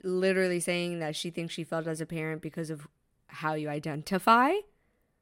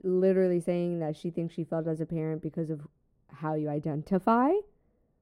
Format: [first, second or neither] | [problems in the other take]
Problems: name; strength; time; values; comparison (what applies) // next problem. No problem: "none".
first | muffled; very; fading above 1 kHz